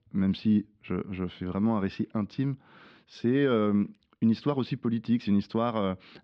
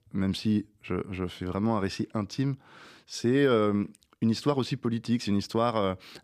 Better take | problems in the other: second | muffled; slightly; fading above 4 kHz

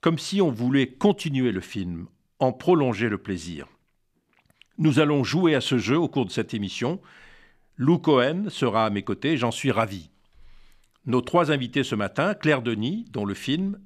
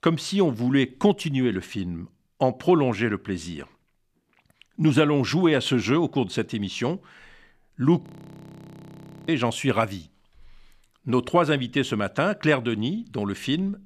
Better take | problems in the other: first | audio freezing; at 8 s for 1.5 s

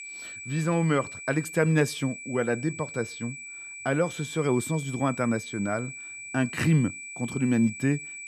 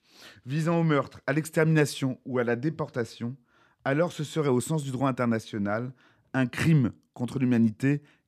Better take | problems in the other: second | high-pitched whine; noticeable; throughout; 2.5 kHz, 10 dB below the speech

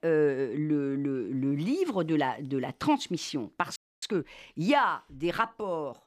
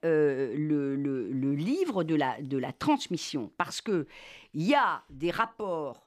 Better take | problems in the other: second | audio freezing; at 4 s

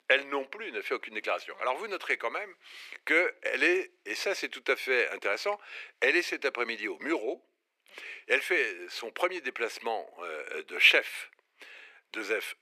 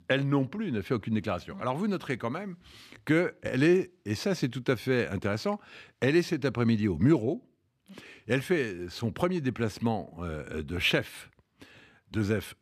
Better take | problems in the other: second | thin; very; fading below 400 Hz

